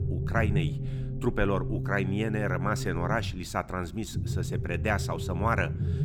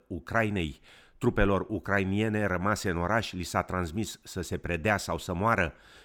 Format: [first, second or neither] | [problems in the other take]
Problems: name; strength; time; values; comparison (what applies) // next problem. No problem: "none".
second | low rumble; noticeable; throughout; 10 dB below the speech